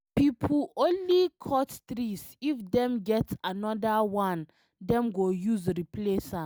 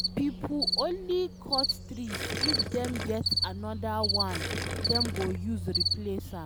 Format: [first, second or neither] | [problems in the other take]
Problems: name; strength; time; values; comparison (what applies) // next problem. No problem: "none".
first | background sound (Gurgling + Cricket); 2 dB above the speech